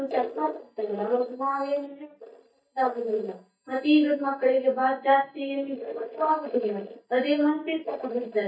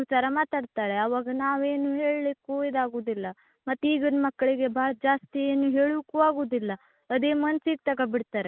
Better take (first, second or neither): second